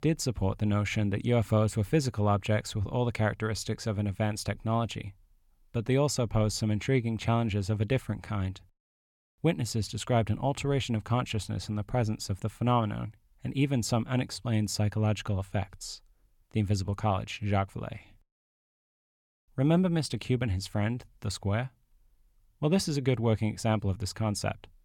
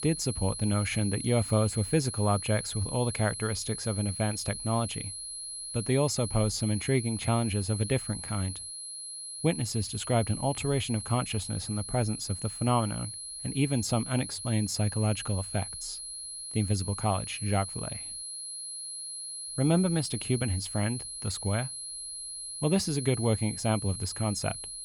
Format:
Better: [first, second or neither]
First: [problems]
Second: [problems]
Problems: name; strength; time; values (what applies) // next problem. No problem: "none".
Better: first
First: none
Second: high-pitched whine; loud; throughout; 10.5 kHz, 7 dB below the speech